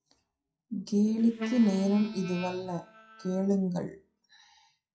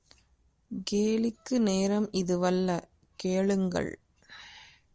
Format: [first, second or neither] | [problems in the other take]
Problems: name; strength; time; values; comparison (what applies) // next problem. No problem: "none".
second | noise reduction (classical method WPE with log-MMSE)